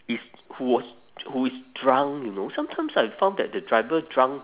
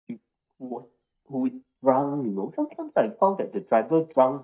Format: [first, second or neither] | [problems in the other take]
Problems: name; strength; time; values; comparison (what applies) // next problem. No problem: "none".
first | noise reduction (neural mask model DeepFilterNet 3)